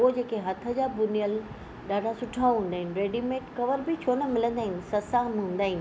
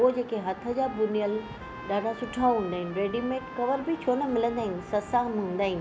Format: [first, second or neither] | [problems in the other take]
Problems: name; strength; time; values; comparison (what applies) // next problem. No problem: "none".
first | background sound (Trumpet); 17 dB below the speech